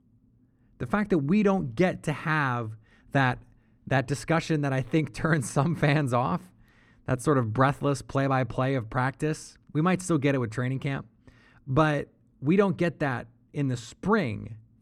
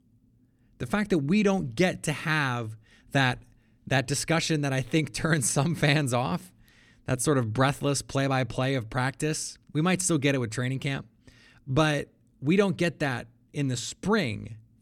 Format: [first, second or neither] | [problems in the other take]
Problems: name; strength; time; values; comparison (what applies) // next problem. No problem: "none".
second | muffled; slightly; fading above 2.5 kHz